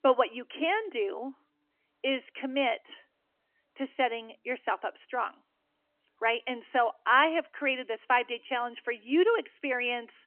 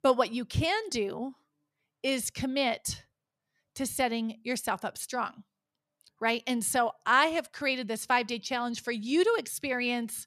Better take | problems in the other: second | phone-call audio; nothing above 3 kHz

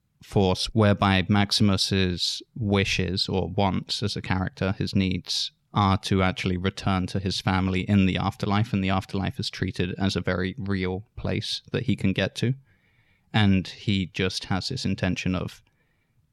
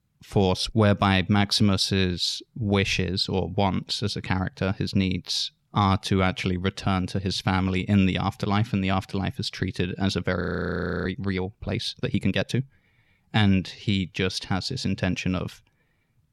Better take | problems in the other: first | audio freezing; at 10 s for 0.5 s

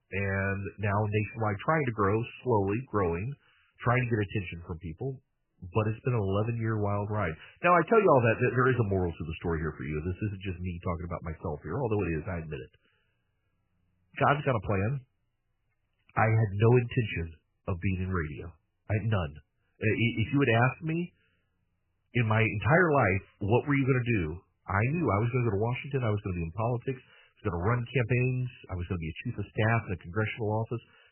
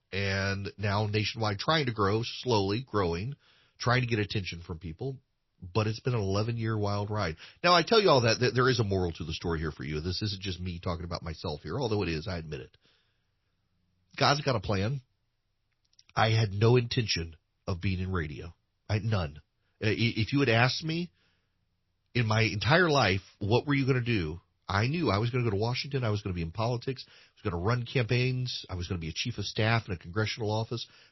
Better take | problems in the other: second | garbled, watery; badly; nothing above 3 kHz; slightly in the second

